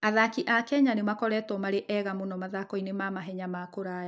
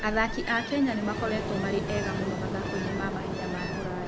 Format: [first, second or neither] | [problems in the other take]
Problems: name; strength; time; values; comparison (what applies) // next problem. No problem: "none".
first | background sound (Ocean); 1 dB below the speech